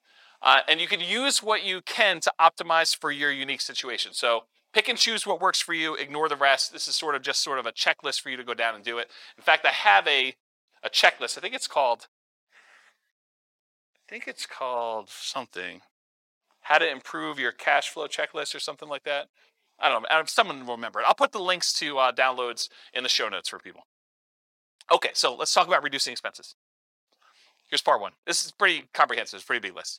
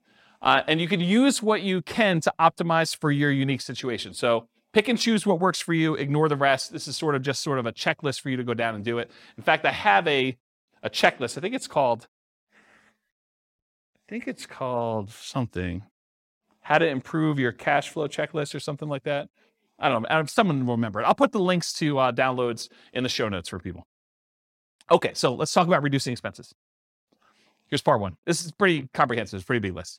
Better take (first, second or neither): second